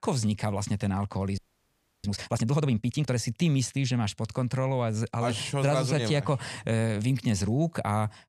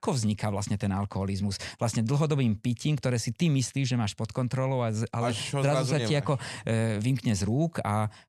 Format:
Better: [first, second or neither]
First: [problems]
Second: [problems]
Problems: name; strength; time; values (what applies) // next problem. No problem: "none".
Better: second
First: audio freezing; at 1.5 s for 0.5 s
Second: none